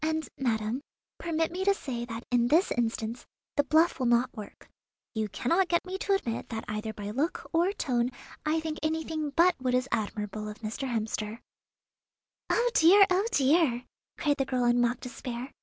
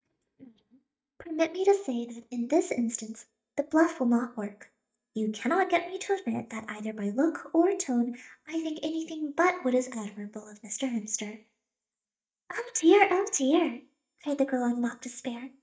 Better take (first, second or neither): first